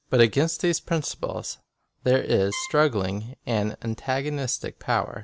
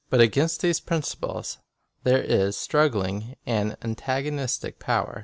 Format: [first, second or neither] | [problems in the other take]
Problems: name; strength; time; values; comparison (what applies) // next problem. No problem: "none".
second | background sound (Trumpet); 15 dB below the speech